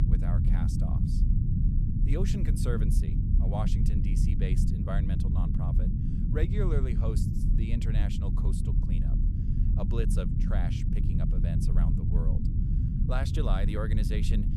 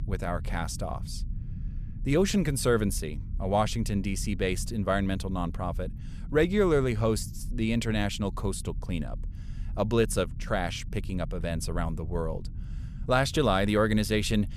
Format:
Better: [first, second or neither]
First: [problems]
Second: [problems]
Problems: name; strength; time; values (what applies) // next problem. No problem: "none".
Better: second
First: low rumble; loud; throughout; 1 dB below the speech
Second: low rumble; faint; throughout; 25 dB below the speech